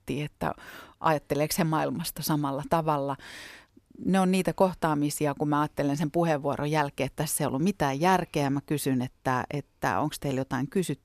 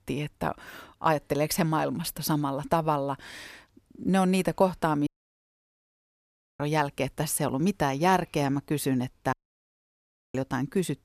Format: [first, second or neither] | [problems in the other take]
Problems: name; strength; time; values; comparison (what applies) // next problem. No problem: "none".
first | audio cutting out; at 5 s for 1.5 s and at 9.5 s for 1 s